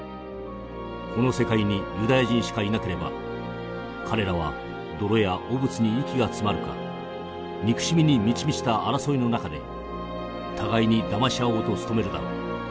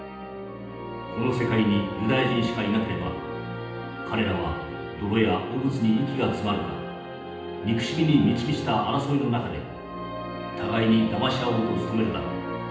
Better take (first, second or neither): first